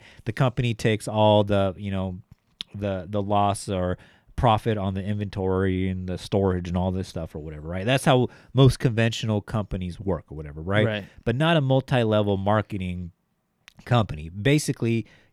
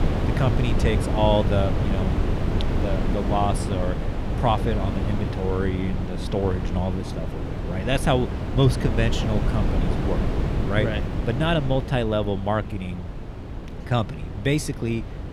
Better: first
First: none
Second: wind noise on the microphone; heavy; 6 dB below the speech

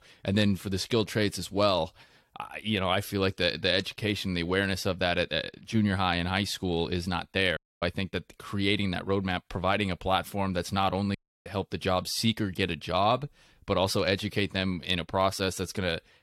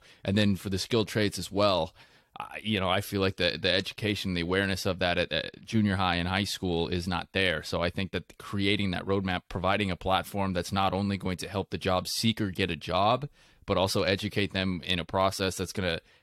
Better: second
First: audio cutting out; at 7.5 s and at 11 s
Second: none

